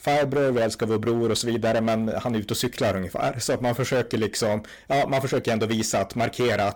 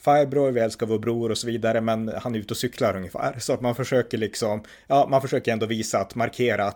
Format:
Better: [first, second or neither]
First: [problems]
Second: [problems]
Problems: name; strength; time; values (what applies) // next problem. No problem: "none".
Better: second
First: distortion; heavy; 21% of the sound clipped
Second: none